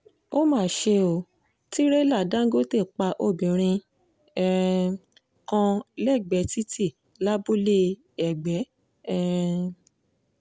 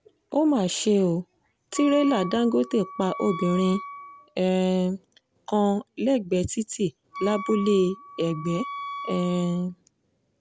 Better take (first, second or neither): first